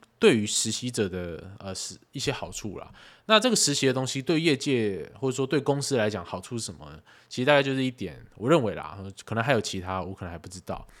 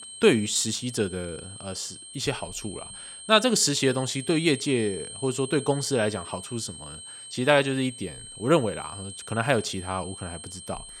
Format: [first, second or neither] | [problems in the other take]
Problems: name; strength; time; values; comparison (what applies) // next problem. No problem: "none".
first | high-pitched whine; noticeable; throughout; 8.5 kHz, 15 dB below the speech